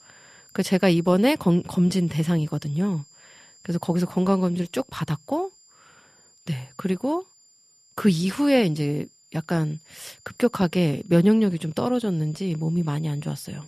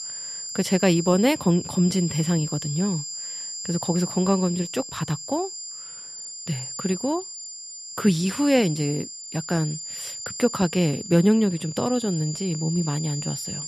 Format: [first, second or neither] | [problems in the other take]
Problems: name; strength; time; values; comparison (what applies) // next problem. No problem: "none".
first | high-pitched whine; loud; throughout; 7.5 kHz, 8 dB below the speech; faint in the first